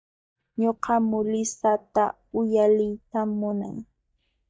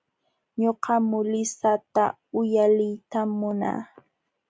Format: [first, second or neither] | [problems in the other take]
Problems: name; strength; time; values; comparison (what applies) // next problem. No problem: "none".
second | noise reduction (neural mask model DeepFilterNet 3)